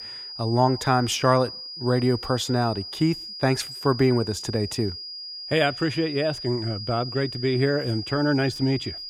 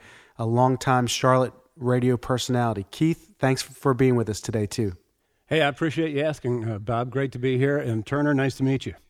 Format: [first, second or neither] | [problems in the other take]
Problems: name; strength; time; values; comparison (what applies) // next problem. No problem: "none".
second | high-pitched whine; loud; throughout; 5 kHz, 9 dB below the speech